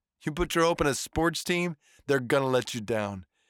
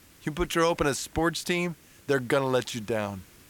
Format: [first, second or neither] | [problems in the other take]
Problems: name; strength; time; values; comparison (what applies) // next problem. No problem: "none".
first | hiss; faint; throughout; 25 dB below the speech